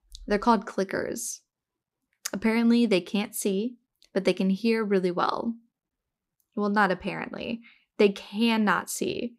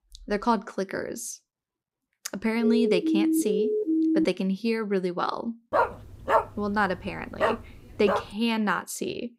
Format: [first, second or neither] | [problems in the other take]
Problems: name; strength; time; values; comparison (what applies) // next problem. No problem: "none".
first | siren; loud; from 2.5 to 4.5 s; peak 5 dB above the speech // dog barking; loud; from 5.5 to 8 s; peak 3 dB above the speech